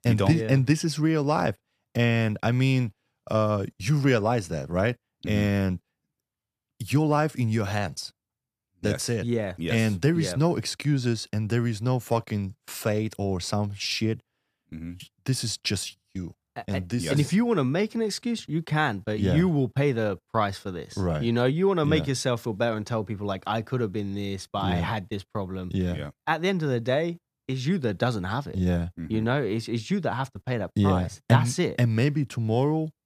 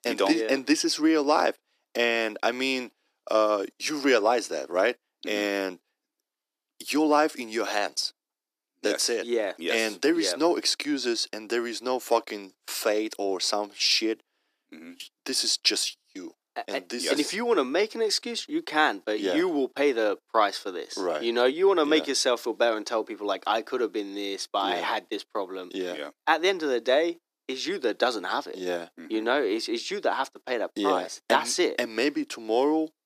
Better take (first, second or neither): first